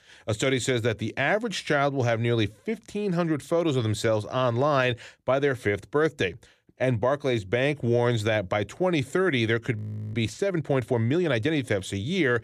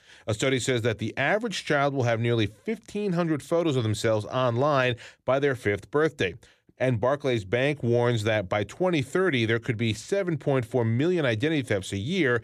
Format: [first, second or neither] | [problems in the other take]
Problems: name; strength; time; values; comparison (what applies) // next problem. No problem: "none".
second | audio freezing; at 10 s